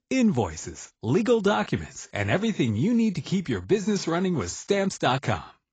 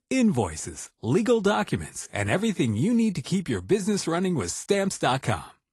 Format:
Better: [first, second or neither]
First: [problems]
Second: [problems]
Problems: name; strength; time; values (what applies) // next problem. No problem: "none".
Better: second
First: garbled, watery; badly; nothing above 7.5 kHz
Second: garbled, watery; slightly